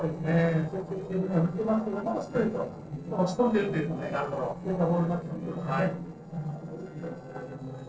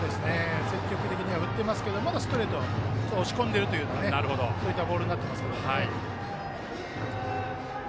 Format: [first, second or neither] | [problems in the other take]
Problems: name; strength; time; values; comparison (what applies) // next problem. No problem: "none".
second | noise reduction (neural separator model SepFormer DNS4)